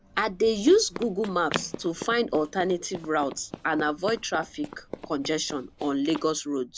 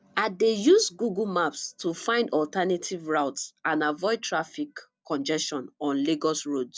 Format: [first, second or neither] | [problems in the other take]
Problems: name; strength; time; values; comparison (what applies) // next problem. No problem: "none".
second | background sound (Run); 13 dB below the speech